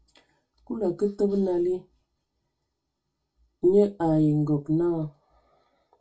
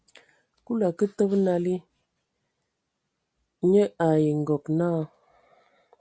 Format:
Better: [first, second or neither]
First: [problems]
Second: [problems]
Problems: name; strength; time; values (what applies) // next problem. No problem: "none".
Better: second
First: room echo; dies away in 0.2 s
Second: none